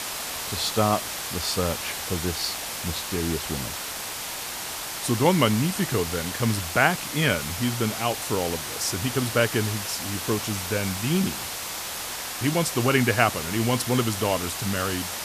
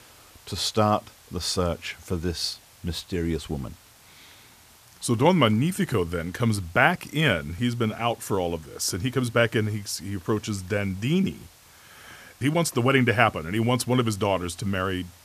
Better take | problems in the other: second | hiss; loud; throughout; 4 dB below the speech; faint in the second

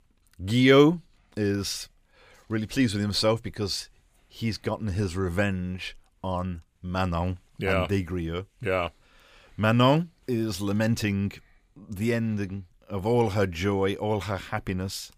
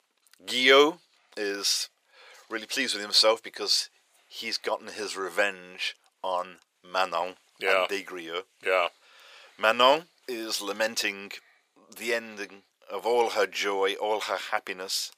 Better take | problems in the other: first | thin; very; fading below 500 Hz

